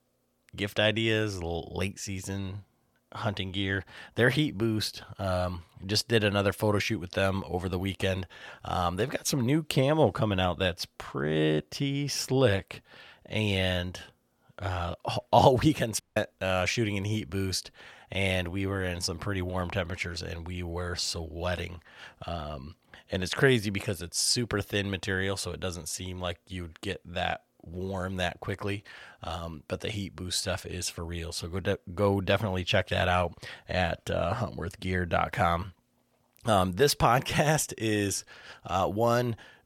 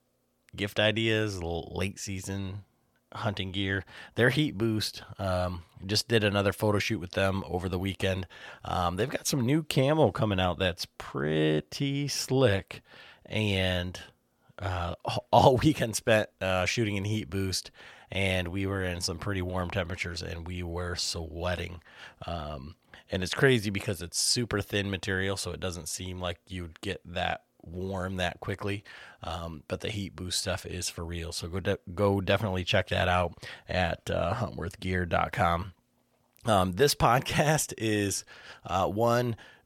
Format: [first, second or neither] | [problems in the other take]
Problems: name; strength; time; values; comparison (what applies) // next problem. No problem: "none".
second | audio cutting out; at 16 s